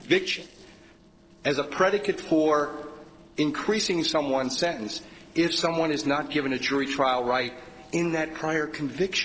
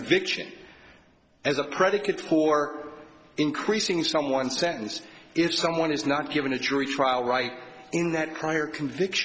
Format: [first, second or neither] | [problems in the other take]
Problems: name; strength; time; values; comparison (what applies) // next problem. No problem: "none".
second | noise reduction (neural separator model SepFormer DNS4)